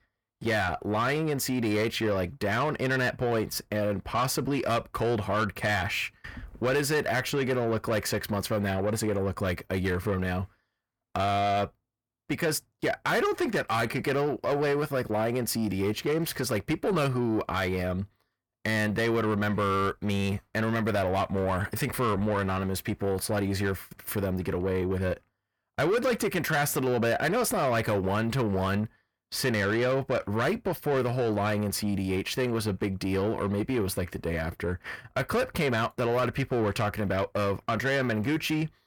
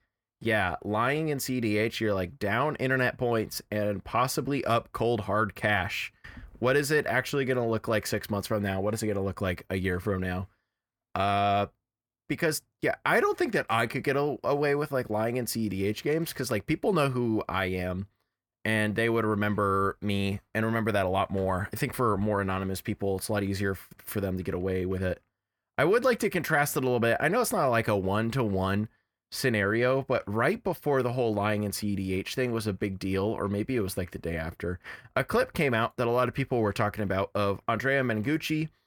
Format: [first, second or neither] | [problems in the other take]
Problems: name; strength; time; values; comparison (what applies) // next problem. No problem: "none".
second | distortion; slight; 10 dB below the speech